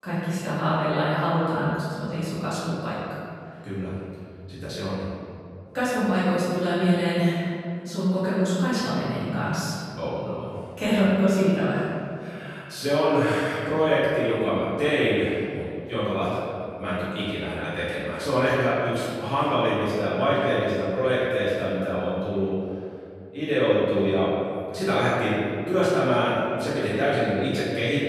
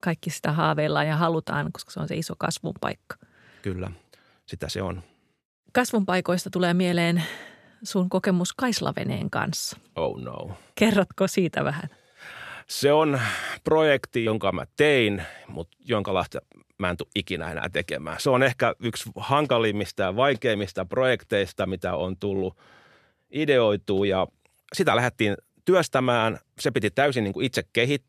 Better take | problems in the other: second | room echo; strong; dies away in 2.3 s // off-mic speech; far

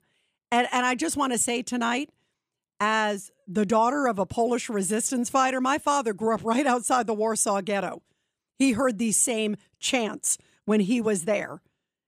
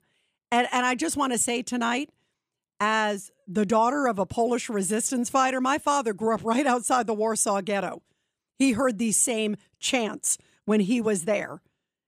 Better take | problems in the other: neither | none

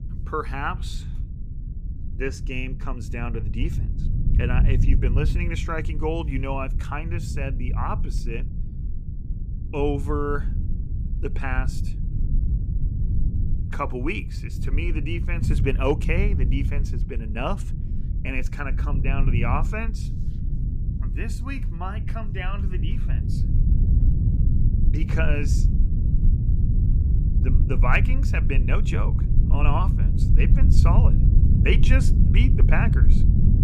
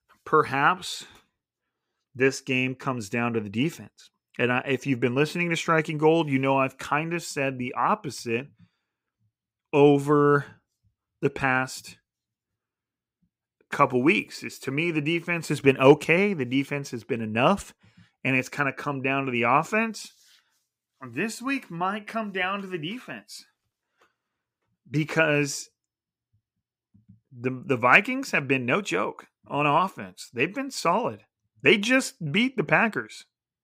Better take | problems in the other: second | low rumble; loud; throughout; 8 dB below the speech

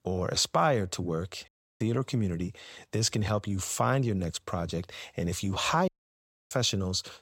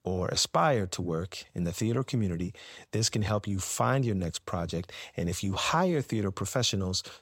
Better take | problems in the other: second | audio cutting out; at 1.5 s and at 6 s for 0.5 s

